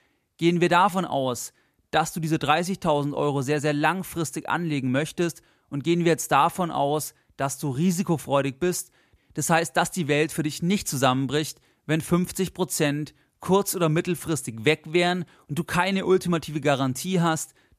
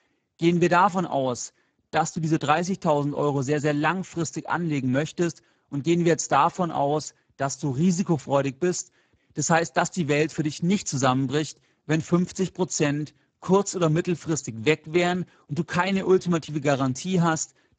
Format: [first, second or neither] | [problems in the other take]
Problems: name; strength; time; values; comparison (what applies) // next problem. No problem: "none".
first | garbled, watery; badly; nothing above 7.5 kHz